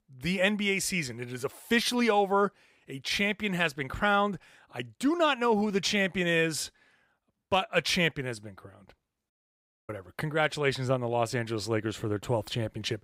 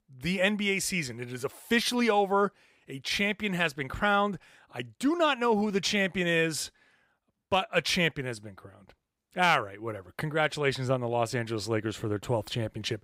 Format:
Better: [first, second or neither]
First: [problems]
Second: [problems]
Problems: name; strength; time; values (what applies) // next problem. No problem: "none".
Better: second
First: audio cutting out; at 9.5 s for 0.5 s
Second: none